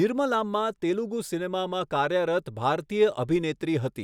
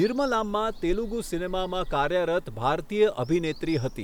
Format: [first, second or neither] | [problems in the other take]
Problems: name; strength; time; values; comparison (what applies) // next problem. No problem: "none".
first | background sound (Bird vocalization, bird call, bird song); 12 dB below the speech